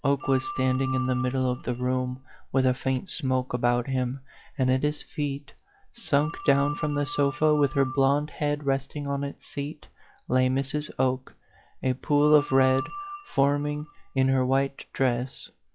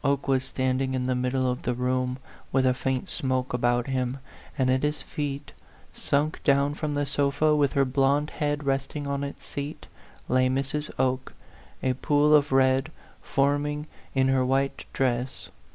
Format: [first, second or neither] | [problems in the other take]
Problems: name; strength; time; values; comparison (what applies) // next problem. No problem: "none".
second | noise reduction (classical method log-MMSE)